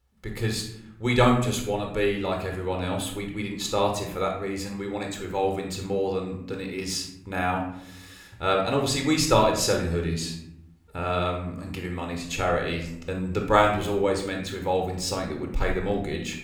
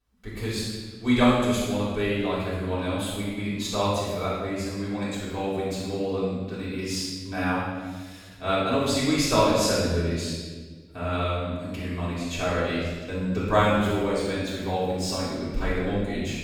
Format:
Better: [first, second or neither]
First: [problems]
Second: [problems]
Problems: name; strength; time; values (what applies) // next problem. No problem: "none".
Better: first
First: room echo; slight; dies away in 0.6 s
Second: room echo; strong; dies away in 1.3 s // off-mic speech; far